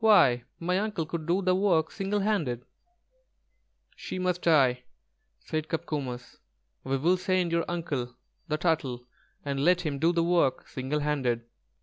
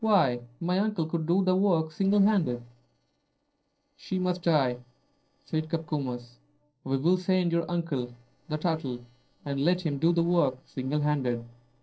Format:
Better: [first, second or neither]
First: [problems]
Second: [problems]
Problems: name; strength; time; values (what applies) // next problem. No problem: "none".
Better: first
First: none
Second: noise reduction (neural separator model SepFormer DNS4)